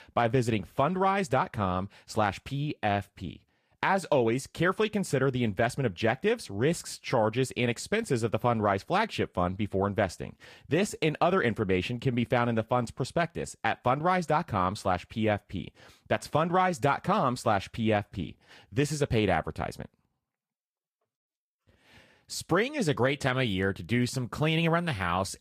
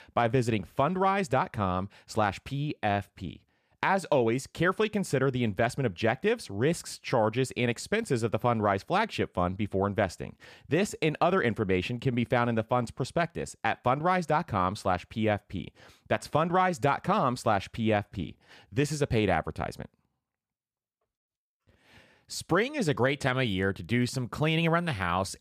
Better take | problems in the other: second | garbled, watery; slightly; nothing above 14.5 kHz

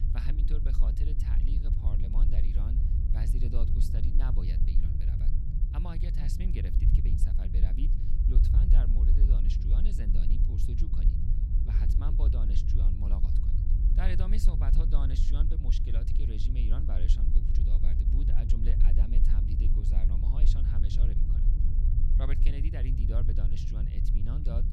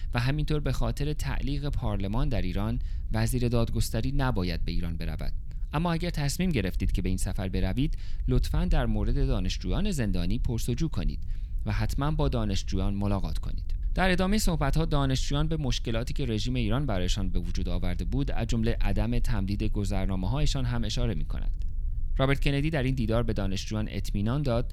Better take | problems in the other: second | low rumble; loud; throughout; as loud as the speech; faint in the second

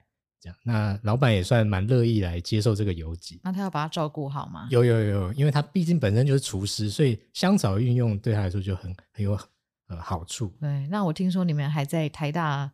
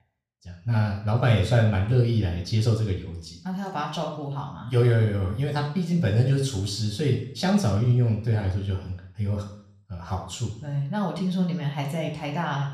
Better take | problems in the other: first | room echo; noticeable; dies away in 0.6 s // off-mic speech; somewhat distant

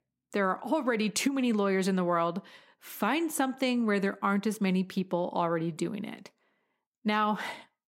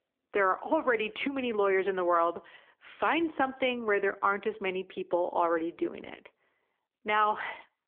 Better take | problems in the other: first | phone-call audio

